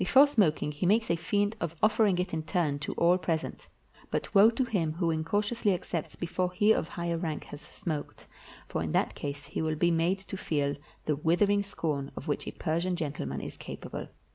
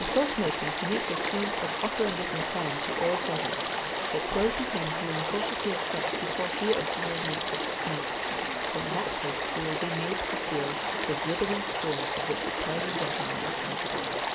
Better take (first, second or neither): first